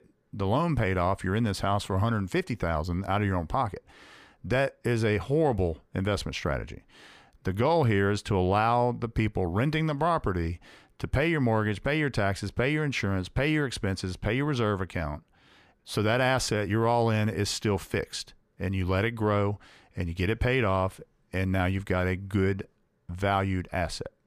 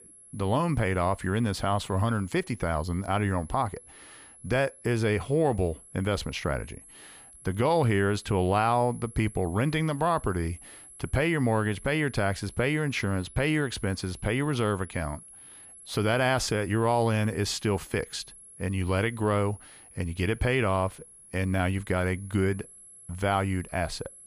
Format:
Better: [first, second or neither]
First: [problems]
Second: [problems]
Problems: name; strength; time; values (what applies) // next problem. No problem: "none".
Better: first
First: none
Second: high-pitched whine; noticeable; throughout; 11 kHz, 20 dB below the speech